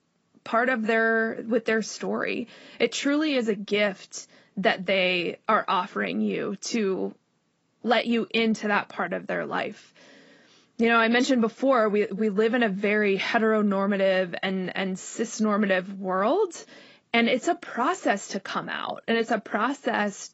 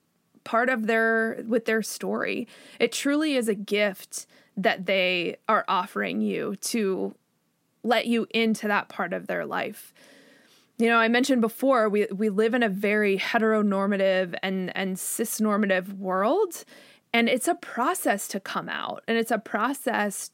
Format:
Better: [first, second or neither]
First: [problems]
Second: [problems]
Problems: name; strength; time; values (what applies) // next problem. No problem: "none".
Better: second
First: garbled, watery; badly; nothing above 7.5 kHz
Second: none